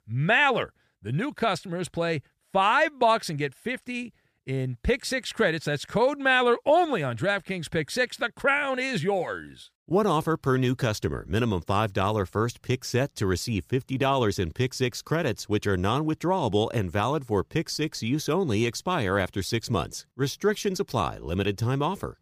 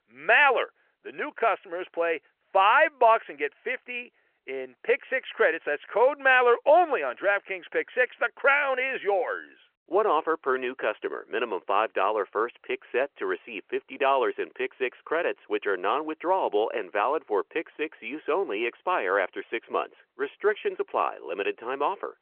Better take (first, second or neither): first